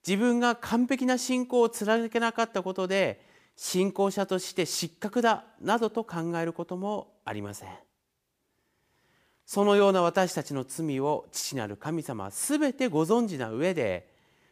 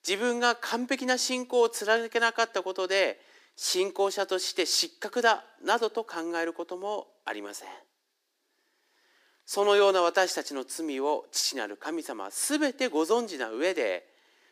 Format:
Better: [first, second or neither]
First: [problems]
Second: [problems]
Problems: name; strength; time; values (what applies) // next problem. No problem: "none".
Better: first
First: none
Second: thin; somewhat; fading below 300 Hz